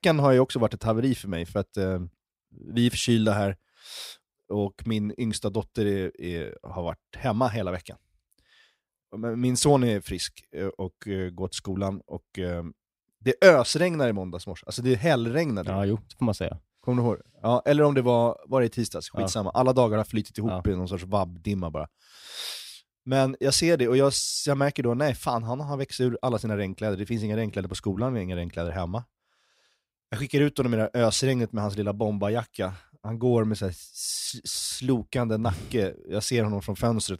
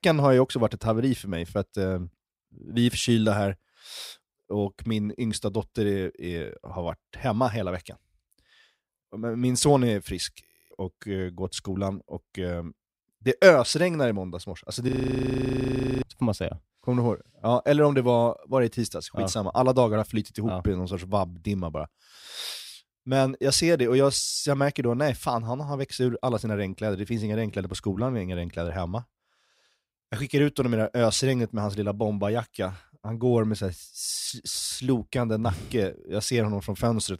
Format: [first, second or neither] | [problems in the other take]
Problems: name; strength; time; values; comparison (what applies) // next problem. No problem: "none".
first | audio freezing; at 10 s and at 15 s for 1 s